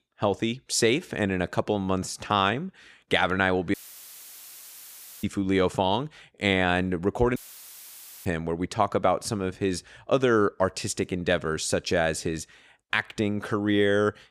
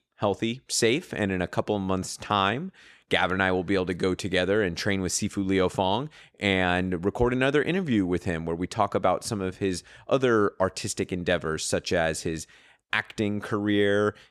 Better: second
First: audio cutting out; filled with static; at 3.5 s for 1.5 s and at 7.5 s for 1 s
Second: none

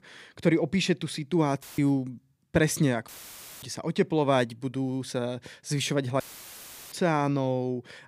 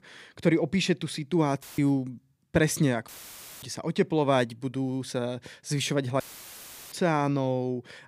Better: neither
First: audio cutting out; filled with static; at 1.5 s, at 3 s for 0.5 s and at 6 s for 0.5 s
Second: audio cutting out; filled with static; at 1.5 s, at 3 s for 0.5 s and at 6 s for 0.5 s

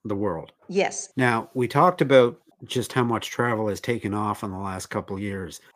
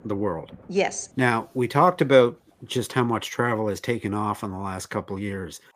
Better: first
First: none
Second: rain or running water; faint; until 2.5 s; 30 dB below the speech

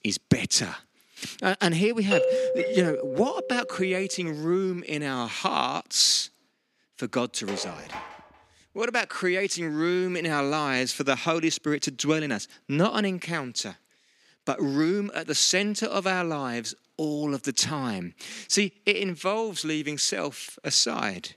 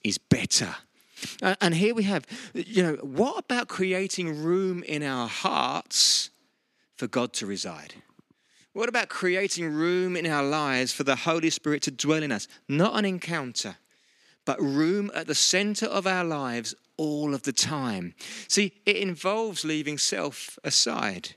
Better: second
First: doorbell; loud; from 2 to 4 s; peak 3 dB above the speech // clattering dishes; faint; at 7.5 s; peak 10 dB below the speech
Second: none

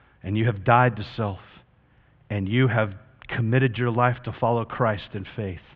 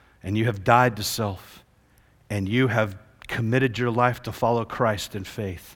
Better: second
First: muffled; very; fading above 3 kHz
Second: none

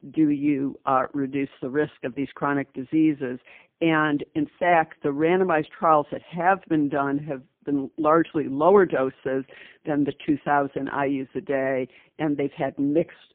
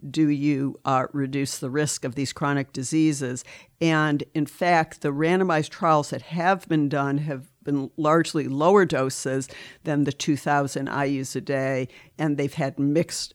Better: second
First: phone-call audio; poor line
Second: none

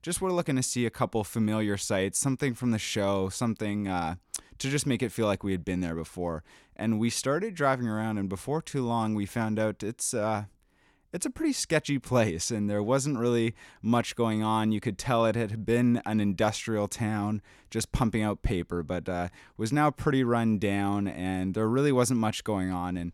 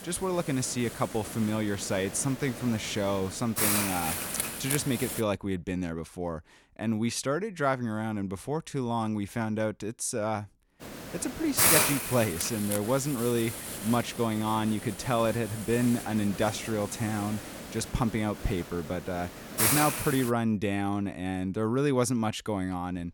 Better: first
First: none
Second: hiss; loud; until 5 s and from 11 to 20 s; 1 dB below the speech

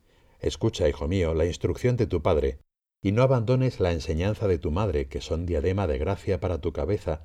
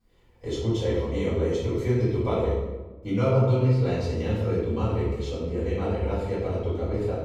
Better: first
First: none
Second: off-mic speech; far // room echo; noticeable; dies away in 1 s

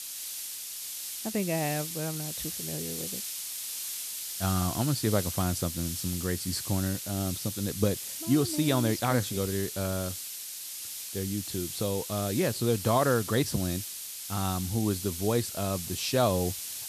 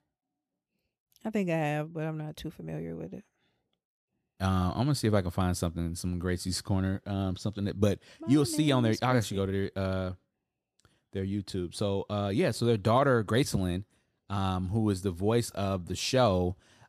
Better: second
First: hiss; loud; throughout; 5 dB below the speech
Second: none

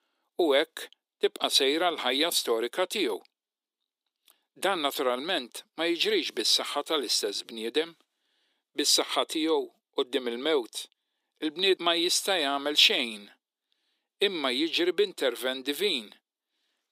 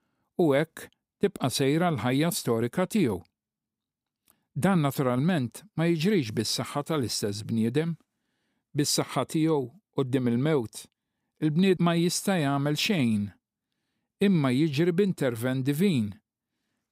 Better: second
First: thin; very; fading below 350 Hz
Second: none

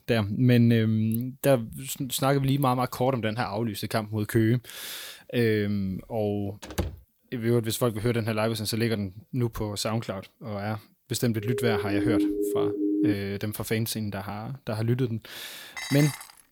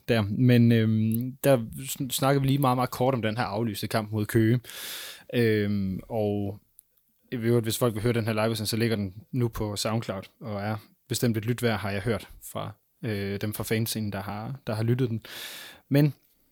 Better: second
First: door banging; noticeable; at 6.5 s; peak 6 dB below the speech // siren; loud; from 11 to 13 s; peak 2 dB above the speech // clattering dishes; noticeable; at 16 s; peak 5 dB below the speech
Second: none

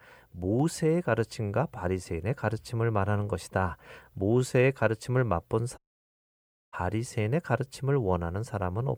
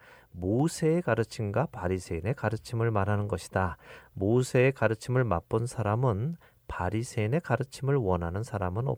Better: second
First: audio cutting out; at 6 s for 1 s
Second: none

